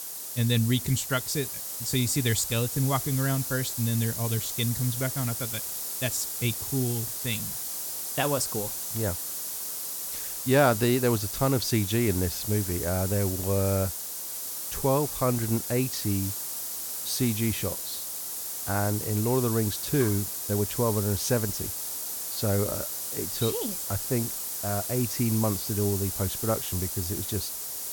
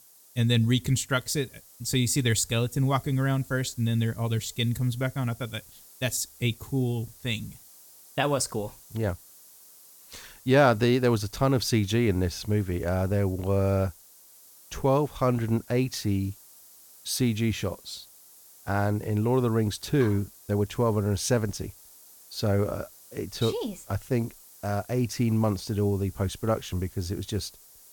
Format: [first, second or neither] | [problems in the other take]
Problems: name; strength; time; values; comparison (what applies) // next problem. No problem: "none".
second | hiss; loud; throughout; 3 dB below the speech; faint in the second